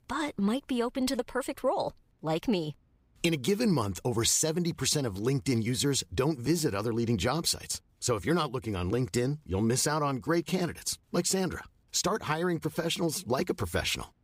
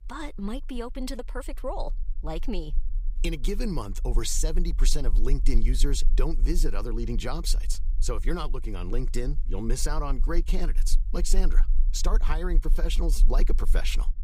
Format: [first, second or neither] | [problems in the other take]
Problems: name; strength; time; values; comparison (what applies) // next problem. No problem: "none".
first | low rumble; faint; throughout; 20 dB below the speech